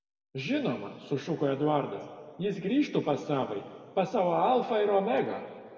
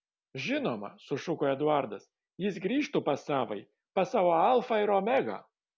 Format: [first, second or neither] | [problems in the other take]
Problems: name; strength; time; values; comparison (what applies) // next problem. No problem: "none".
second | room echo; dies away in 1.8 s